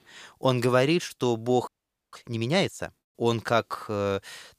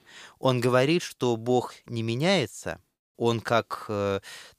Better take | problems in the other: second | audio freezing; at 1.5 s

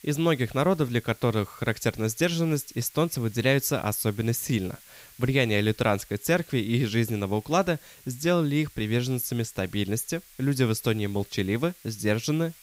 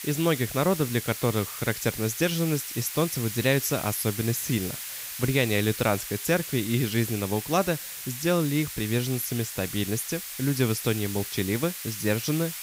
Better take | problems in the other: first | hiss; loud; throughout; 7 dB below the speech; faint in the first

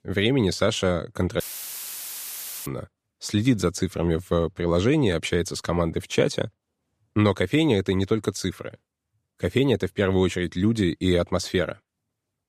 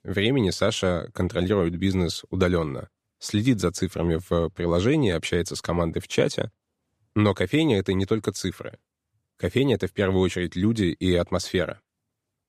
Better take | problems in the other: second | audio cutting out; filled with static; at 1.5 s for 1.5 s

